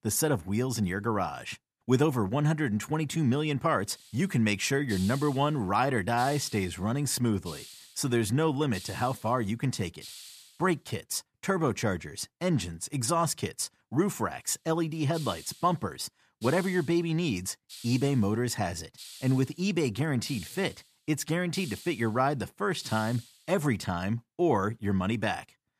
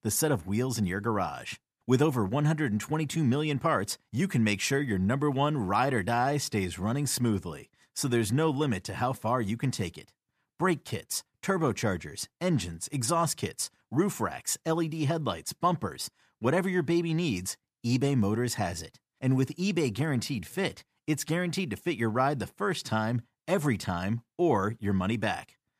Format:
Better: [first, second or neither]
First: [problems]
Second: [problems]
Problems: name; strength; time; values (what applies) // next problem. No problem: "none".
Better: second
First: hiss; noticeable; from 4 to 11 s and from 14 to 24 s; 15 dB below the speech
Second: none